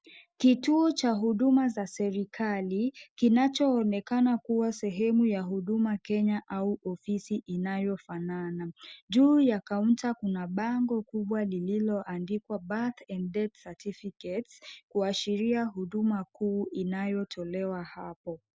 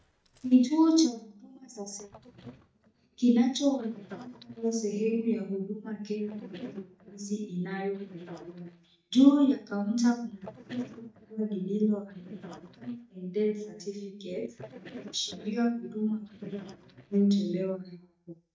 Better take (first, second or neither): first